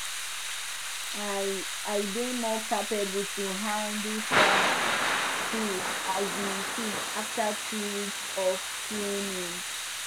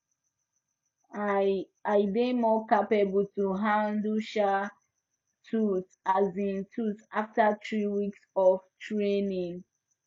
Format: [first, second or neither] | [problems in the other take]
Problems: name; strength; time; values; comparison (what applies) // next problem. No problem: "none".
second | background sound (Thunder / Rain); 3 dB above the speech